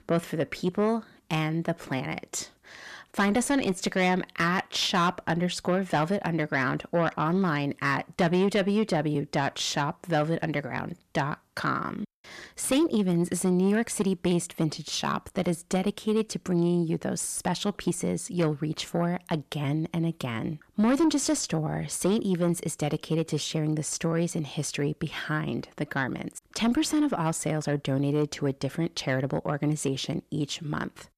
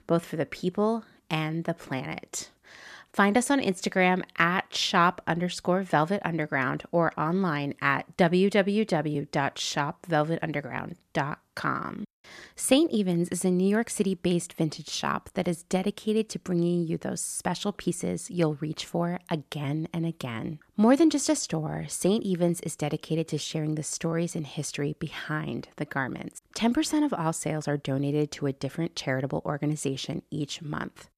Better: second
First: distortion; slight; 10 dB below the speech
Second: none

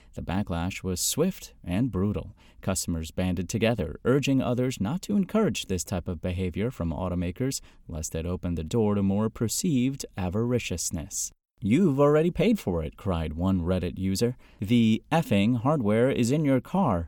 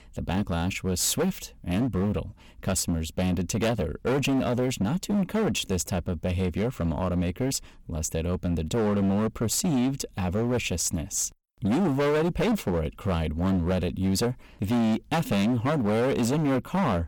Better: first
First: none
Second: distortion; heavy; 19% of the sound clipped

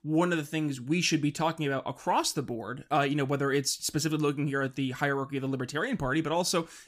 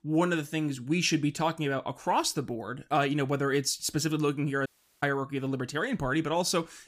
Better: first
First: none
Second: audio cutting out; at 4.5 s

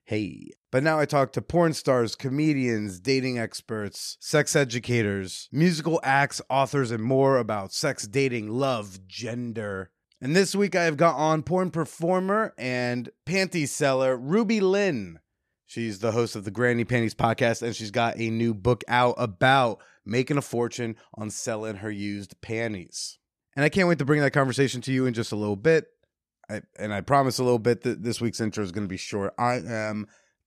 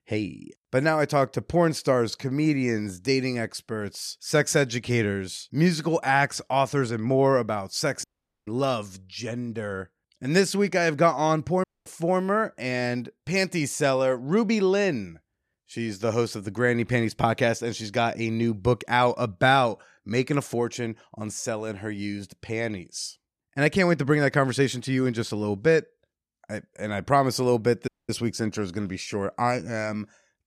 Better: first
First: none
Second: audio cutting out; at 8 s, at 12 s and at 28 s

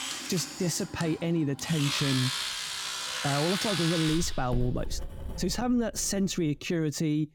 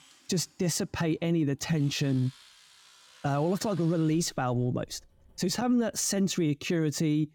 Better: second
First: household noises; loud; until 6 s; 3 dB below the speech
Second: household noises; faint; until 6 s; 25 dB below the speech

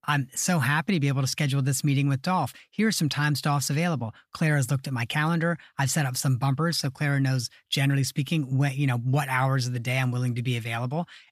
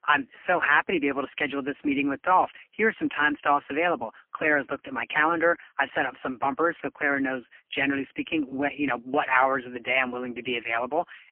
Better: first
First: none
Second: phone-call audio; poor line; nothing above 3 kHz

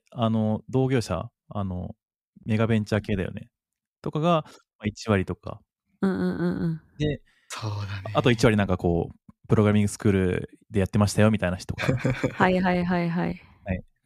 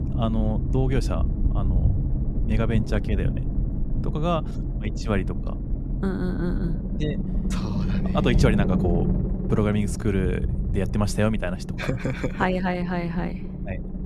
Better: first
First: none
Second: low rumble; loud; throughout; 7 dB below the speech

